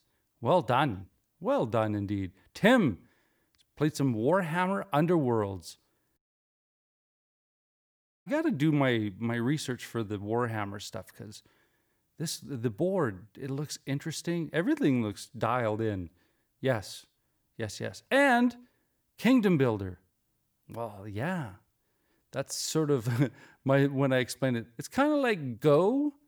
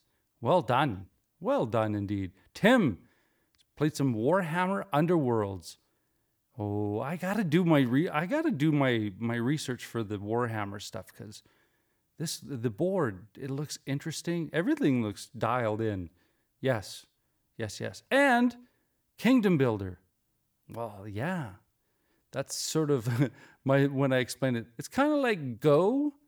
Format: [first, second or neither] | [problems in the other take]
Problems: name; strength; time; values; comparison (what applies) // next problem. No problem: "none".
second | audio cutting out; at 6 s for 2 s